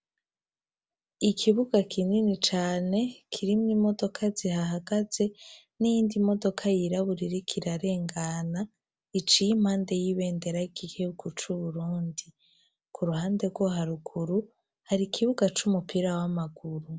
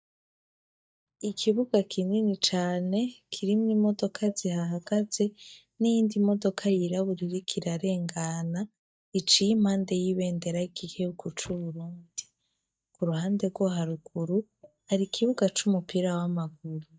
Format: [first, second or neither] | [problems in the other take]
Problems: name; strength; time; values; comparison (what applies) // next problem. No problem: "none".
first | noise reduction (neural mask model DeepFilterNet 3)